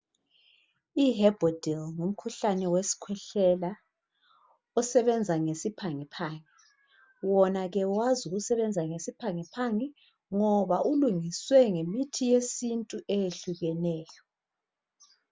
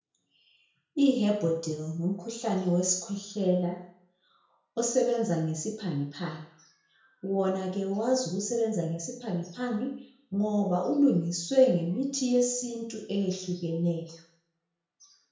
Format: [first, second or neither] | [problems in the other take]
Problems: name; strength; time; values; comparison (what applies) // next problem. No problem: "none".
first | room echo; dies away in 0.5 s